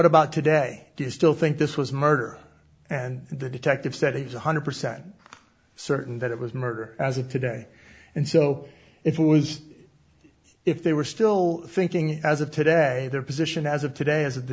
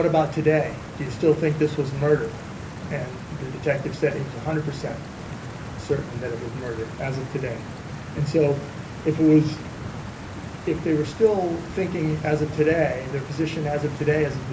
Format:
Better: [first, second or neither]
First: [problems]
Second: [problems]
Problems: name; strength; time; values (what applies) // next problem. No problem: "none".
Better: first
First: none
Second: background sound (Stream); 10 dB below the speech // room echo; dies away in 0.3 s